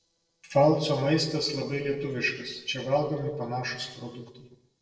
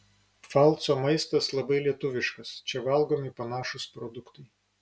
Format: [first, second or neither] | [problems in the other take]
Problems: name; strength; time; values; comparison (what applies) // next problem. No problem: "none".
second | noise reduction (neural separator model SepFormer DNS4)